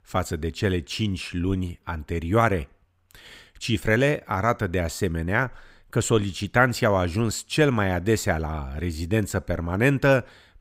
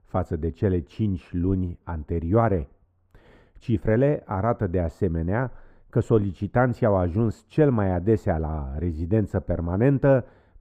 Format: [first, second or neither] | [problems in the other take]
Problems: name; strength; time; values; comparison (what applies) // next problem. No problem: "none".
first | muffled; very; fading above 1.5 kHz